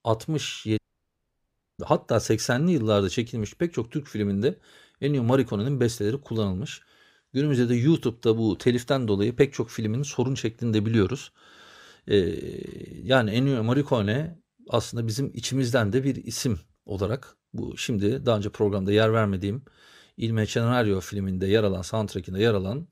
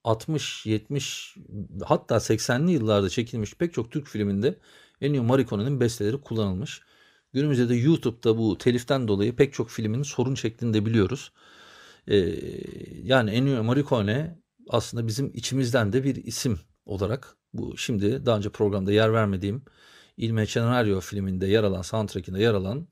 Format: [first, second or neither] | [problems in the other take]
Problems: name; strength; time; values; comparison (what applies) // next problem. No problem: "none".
second | audio cutting out; at 1 s for 1 s